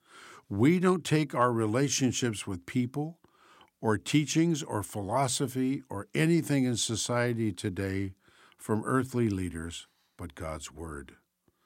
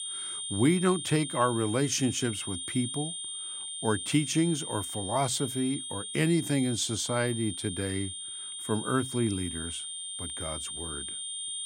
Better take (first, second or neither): first